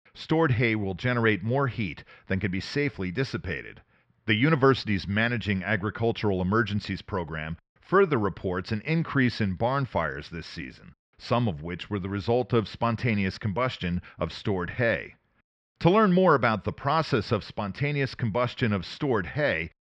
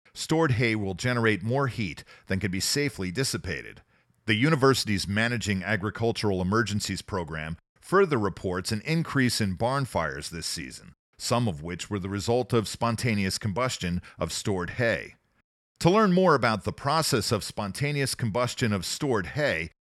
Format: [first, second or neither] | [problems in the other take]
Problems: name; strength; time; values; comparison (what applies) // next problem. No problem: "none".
second | muffled; slightly; fading above 4 kHz